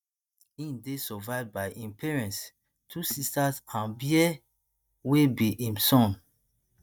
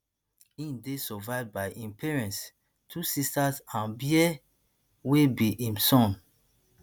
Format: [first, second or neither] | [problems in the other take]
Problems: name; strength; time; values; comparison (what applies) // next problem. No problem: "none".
second | noise reduction (neural mask model DeepFilterNet 3)